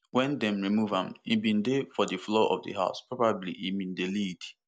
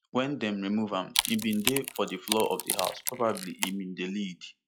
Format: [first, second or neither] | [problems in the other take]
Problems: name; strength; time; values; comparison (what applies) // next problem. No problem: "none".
first | noise reduction (classical method log-MMSE)